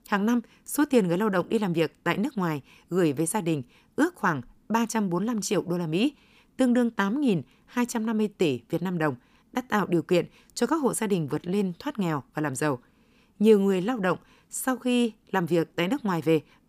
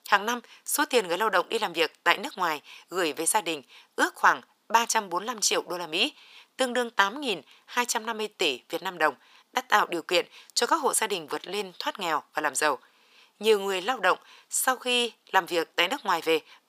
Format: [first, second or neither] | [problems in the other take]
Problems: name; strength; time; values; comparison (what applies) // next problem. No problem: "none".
first | thin; very; fading below 750 Hz